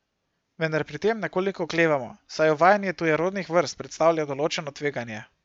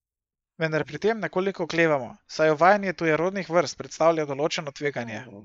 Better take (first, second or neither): first